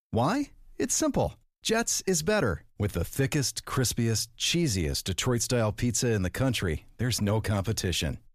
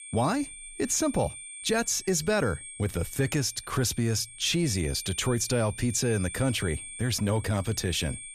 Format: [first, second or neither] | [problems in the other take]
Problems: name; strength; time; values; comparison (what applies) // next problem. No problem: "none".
first | high-pitched whine; noticeable; throughout; 9 kHz, 10 dB below the speech